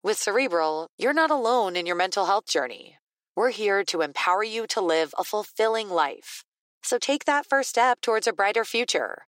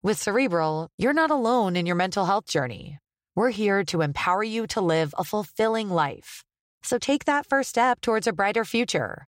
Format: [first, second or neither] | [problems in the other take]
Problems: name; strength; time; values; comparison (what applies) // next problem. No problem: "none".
second | thin; somewhat; fading below 300 Hz